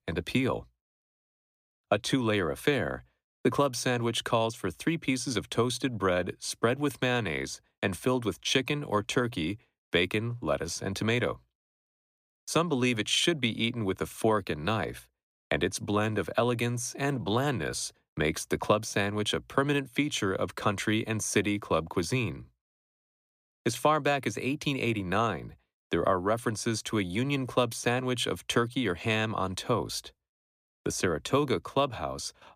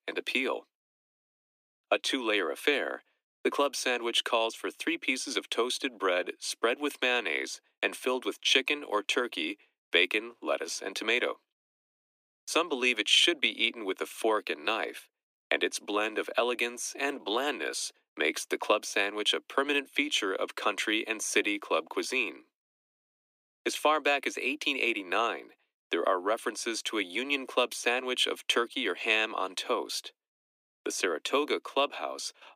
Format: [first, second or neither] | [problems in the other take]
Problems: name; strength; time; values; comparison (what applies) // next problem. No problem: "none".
first | thin; somewhat; fading below 300 Hz